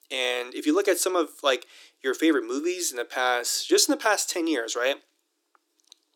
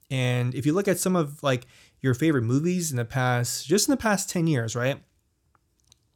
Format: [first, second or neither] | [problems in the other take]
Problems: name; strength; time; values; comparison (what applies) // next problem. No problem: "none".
second | thin; somewhat; fading below 300 Hz